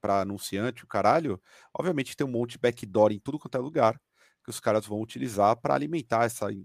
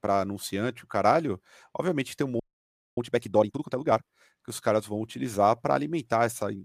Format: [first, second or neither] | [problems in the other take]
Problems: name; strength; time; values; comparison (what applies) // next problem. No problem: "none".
first | audio freezing; at 2.5 s for 0.5 s